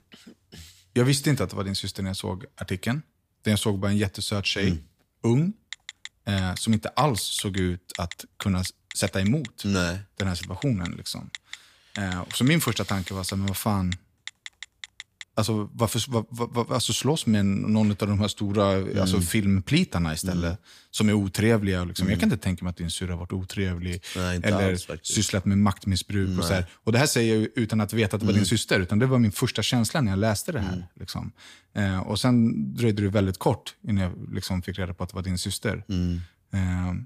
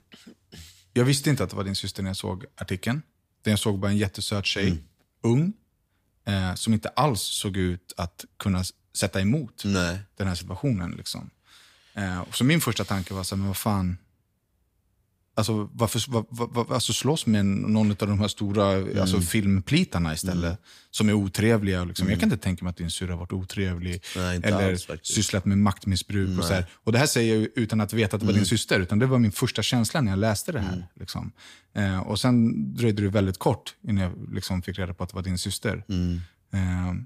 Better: second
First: phone ringing; faint; from 5.5 to 15 s; peak 15 dB below the speech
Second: none

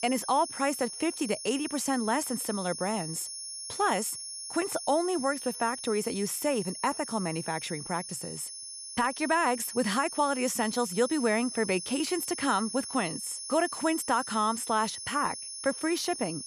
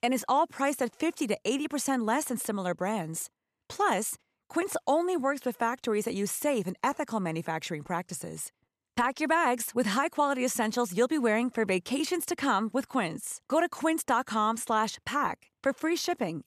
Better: second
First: high-pitched whine; loud; throughout; 10.5 kHz, 7 dB below the speech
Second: none

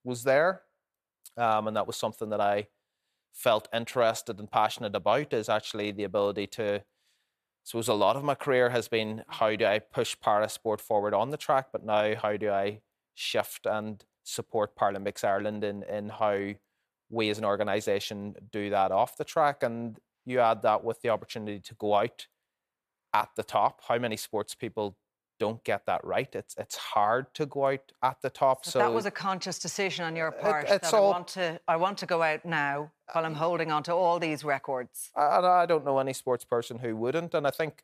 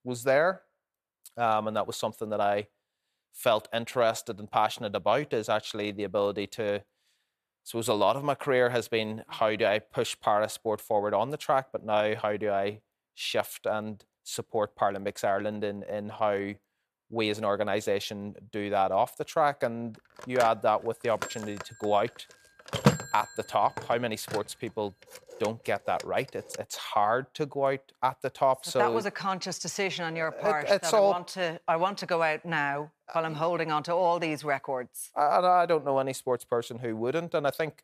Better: first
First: none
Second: phone ringing; loud; from 20 to 27 s; peak 3 dB above the speech

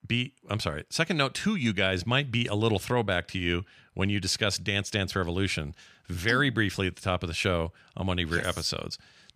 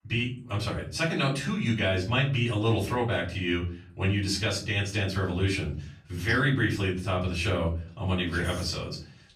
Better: first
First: none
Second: off-mic speech; far // room echo; slight; dies away in 0.5 s

